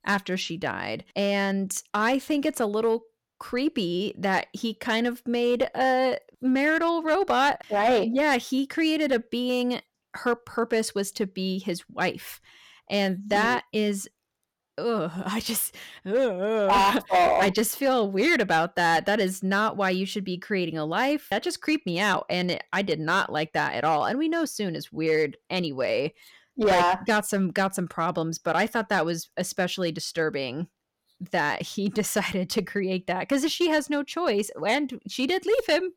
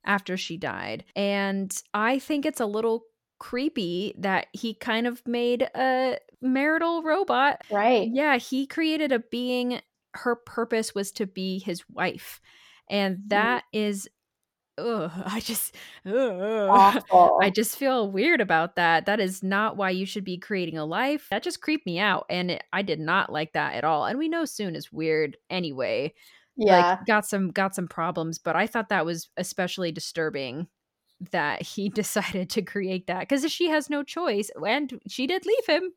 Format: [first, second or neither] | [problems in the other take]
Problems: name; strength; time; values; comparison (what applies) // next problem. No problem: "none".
second | distortion; slight; 4% of the sound clipped